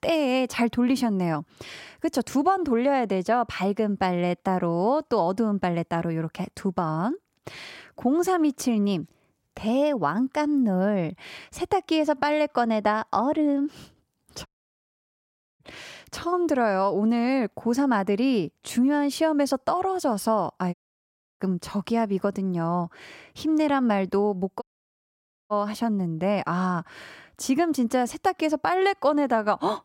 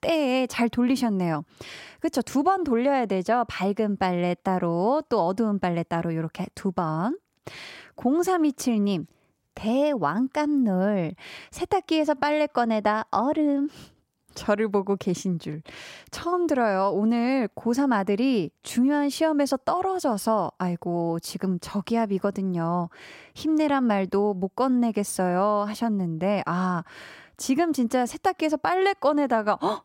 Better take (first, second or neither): second